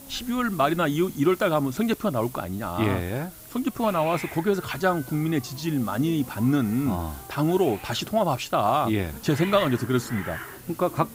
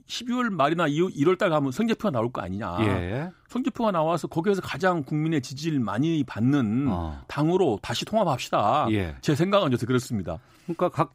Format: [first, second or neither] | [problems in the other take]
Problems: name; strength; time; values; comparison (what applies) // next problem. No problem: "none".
second | hiss; noticeable; throughout; 15 dB below the speech